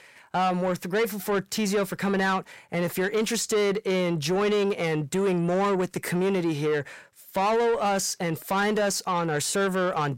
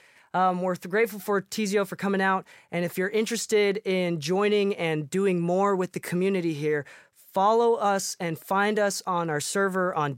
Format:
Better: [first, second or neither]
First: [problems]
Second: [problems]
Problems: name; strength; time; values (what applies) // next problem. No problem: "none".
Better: second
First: distortion; slight; 10 dB below the speech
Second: none